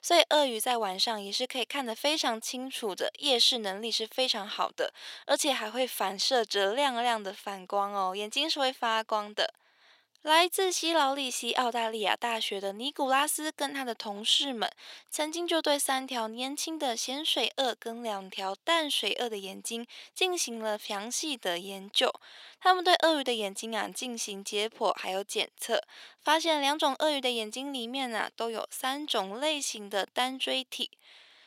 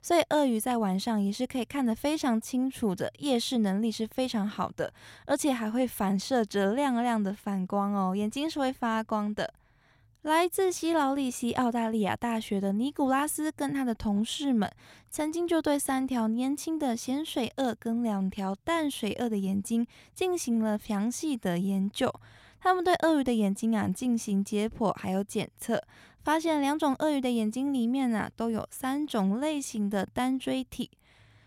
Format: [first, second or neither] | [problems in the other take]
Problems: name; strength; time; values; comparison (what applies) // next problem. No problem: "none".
second | thin; somewhat; fading below 400 Hz